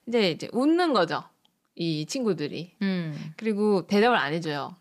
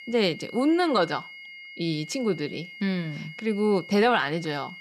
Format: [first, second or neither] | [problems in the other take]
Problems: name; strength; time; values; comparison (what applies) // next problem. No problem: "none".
first | high-pitched whine; noticeable; throughout; 2 kHz, 15 dB below the speech